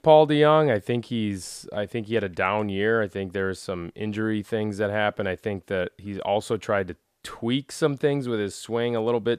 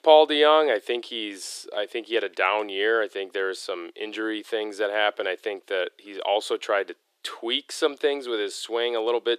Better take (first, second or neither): first